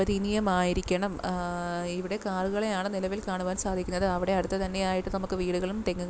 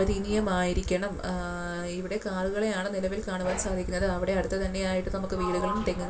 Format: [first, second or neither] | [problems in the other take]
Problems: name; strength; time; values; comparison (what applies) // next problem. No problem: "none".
first | background sound (Sliding door); 13 dB below the speech // room echo; dies away in 0.2 s